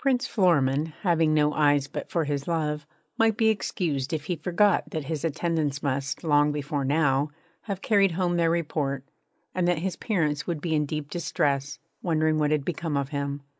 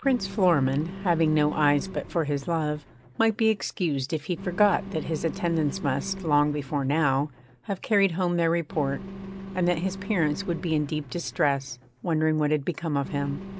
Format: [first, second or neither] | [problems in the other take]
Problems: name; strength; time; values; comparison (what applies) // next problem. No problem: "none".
first | background sound (Engine); 13 dB below the speech